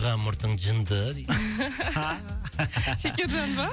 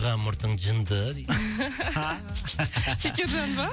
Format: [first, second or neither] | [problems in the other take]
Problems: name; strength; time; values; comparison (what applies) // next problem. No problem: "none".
first | background sound (Rattle (instrument)); 14 dB below the speech